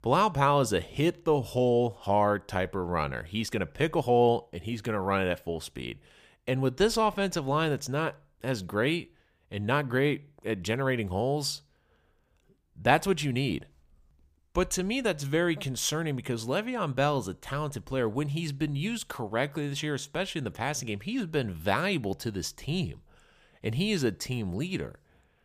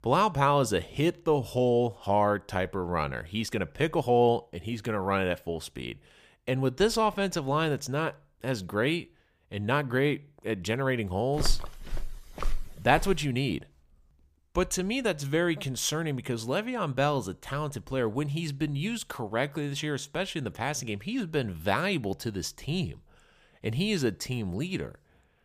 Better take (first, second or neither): first